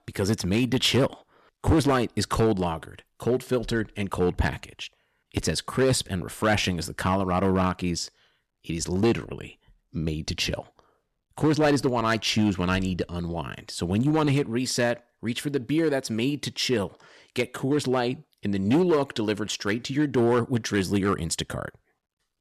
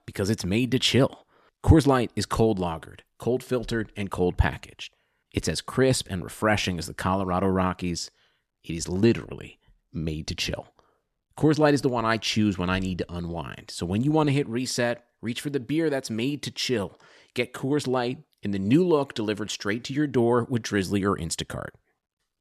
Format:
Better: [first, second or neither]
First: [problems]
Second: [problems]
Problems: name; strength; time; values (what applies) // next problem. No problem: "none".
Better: second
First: distortion; slight; 4% of the sound clipped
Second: none